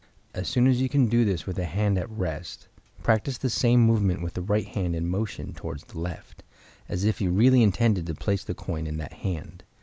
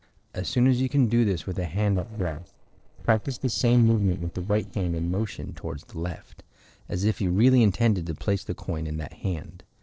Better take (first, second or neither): first